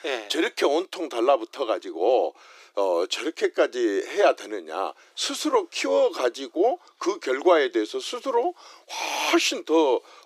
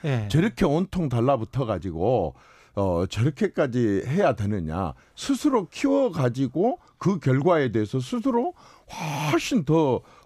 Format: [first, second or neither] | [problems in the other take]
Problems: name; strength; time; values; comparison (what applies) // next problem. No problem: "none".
second | thin; very; fading below 350 Hz